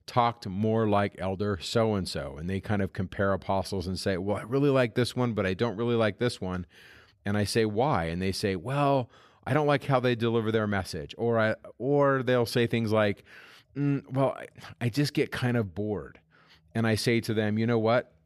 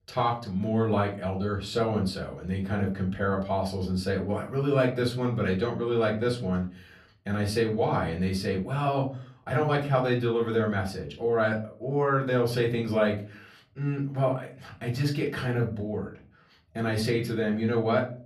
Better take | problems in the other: first | off-mic speech; far // room echo; very slight; dies away in 0.4 s

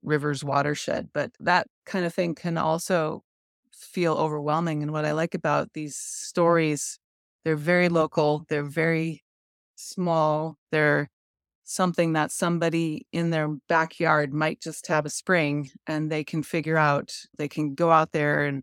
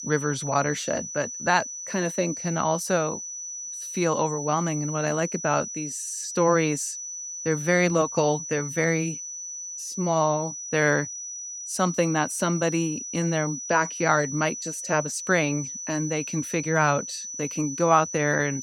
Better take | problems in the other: first | high-pitched whine; loud; throughout; 6 kHz, 7 dB below the speech

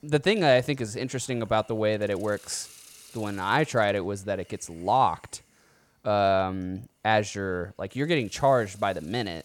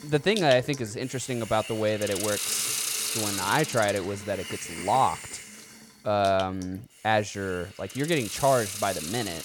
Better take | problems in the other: first | hiss; loud; throughout; 5 dB below the speech; faint in the first

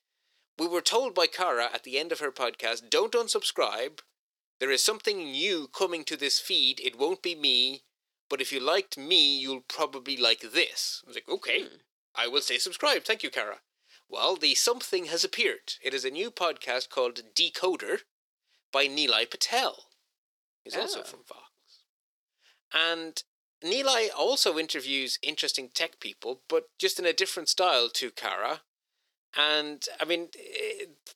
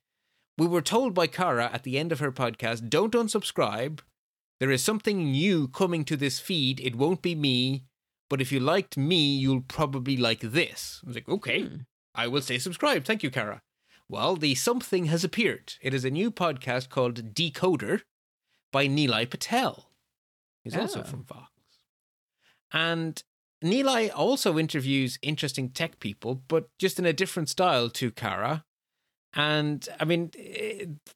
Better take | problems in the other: second | thin; very; fading below 400 Hz

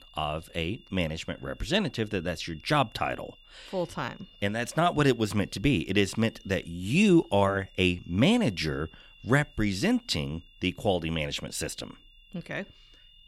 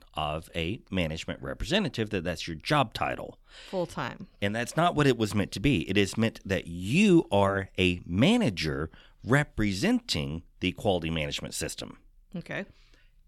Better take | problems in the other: second | high-pitched whine; faint; throughout; 3 kHz, 25 dB below the speech

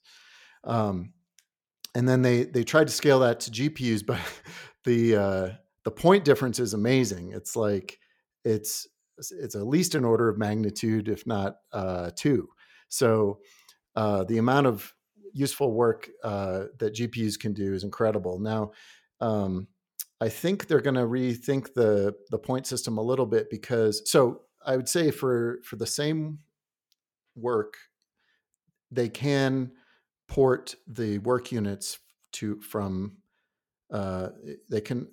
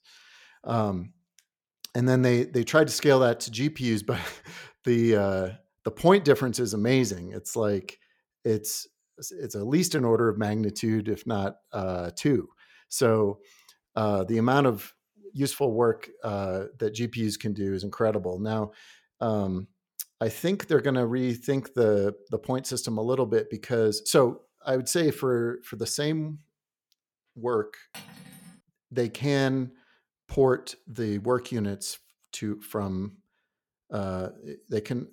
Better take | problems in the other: first | clattering dishes; faint; at 28 s; peak 20 dB below the speech

